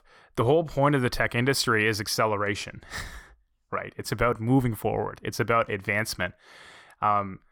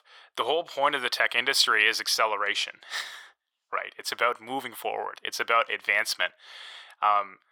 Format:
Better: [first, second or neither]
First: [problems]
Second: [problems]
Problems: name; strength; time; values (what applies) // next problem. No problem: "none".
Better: first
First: none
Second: thin; very; fading below 700 Hz